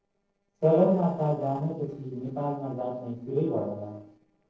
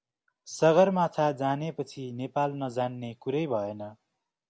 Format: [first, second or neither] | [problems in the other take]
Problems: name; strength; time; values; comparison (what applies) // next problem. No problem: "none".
second | noise reduction (neural separator model SepFormer DNS4)